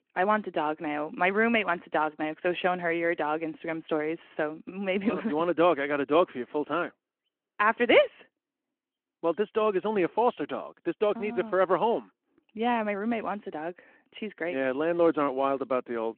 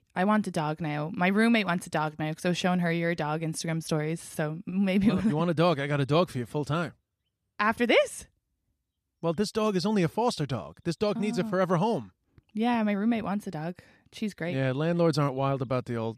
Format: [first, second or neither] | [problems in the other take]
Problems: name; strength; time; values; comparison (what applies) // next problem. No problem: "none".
second | phone-call audio